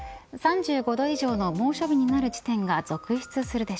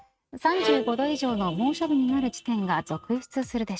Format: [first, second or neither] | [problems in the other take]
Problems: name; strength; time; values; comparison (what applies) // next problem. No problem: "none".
first | noise reduction (neural mask model RNNoise)